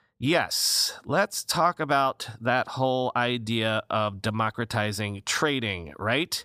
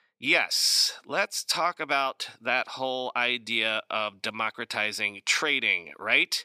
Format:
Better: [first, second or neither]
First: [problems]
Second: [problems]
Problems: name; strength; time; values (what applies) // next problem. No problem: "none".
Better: first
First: none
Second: thin; somewhat; fading below 300 Hz